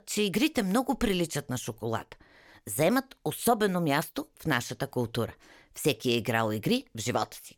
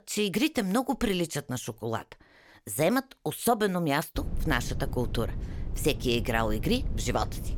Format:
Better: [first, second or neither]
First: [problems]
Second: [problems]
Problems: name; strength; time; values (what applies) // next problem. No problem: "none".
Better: first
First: none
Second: low rumble; noticeable; from 4 s on; 20 dB below the speech